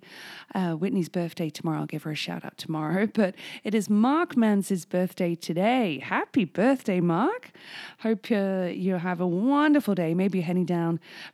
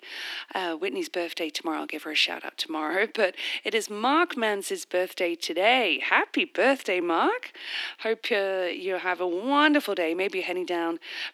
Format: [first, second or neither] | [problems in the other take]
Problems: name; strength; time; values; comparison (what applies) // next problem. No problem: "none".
first | thin; somewhat; fading below 300 Hz